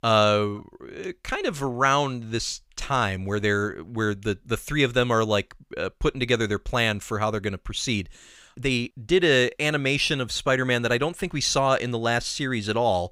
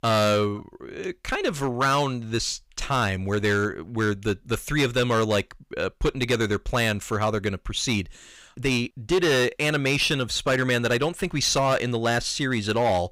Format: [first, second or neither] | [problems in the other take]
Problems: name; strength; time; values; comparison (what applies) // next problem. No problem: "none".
first | distortion; slight; 6% of the sound clipped